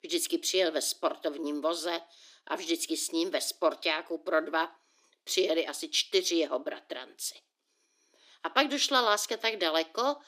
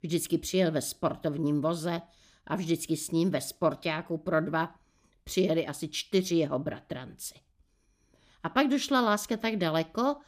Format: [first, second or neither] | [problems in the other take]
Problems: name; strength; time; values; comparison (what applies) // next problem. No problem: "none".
second | thin; somewhat; fading below 300 Hz